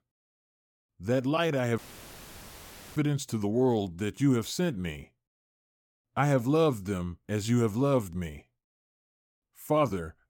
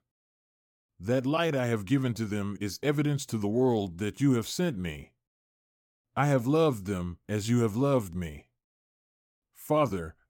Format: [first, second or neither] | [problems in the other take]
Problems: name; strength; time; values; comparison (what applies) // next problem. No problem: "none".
second | audio cutting out; filled with static; at 2 s for 1 s